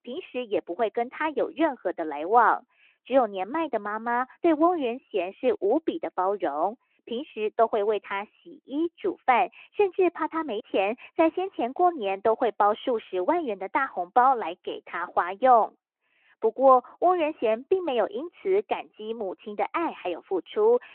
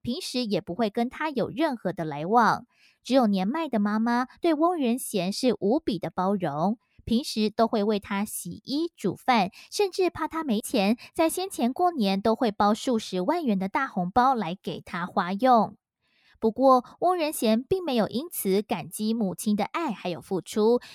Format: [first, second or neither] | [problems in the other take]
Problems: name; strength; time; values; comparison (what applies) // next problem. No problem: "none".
second | phone-call audio